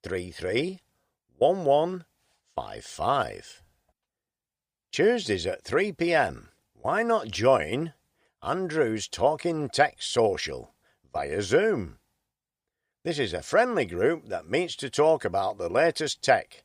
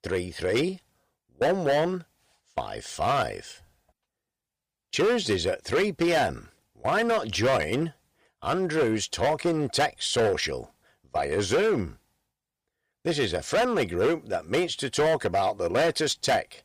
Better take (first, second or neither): first